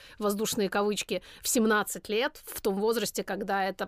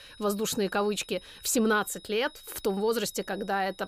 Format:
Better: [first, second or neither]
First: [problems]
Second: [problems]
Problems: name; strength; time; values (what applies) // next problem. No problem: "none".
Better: first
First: none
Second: high-pitched whine; faint; throughout; 4 kHz, 20 dB below the speech